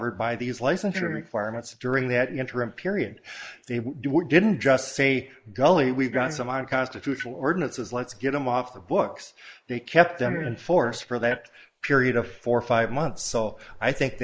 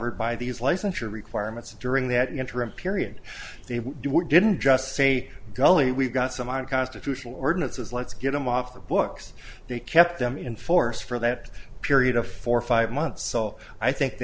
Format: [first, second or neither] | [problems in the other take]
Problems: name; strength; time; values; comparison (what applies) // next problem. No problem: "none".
second | noise reduction (neural mask model Resemble Enhance denoiser)